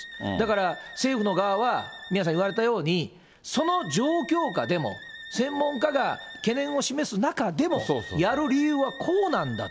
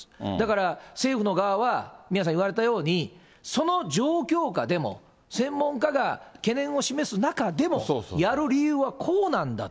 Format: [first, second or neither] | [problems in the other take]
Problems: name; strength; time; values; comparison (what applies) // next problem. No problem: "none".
second | background sound (Wind instrument, woodwind instrument); 16 dB below the speech